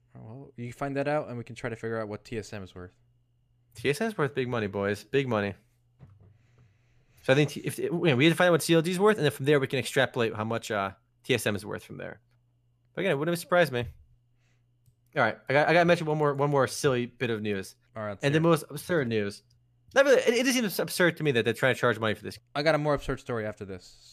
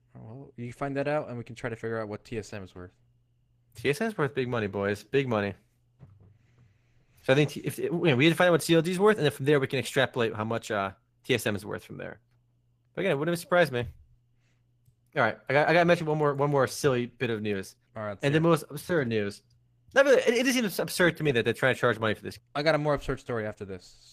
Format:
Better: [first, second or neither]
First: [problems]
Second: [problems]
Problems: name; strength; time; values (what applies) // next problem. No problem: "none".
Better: first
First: none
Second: garbled, watery; slightly; nothing above 14.5 kHz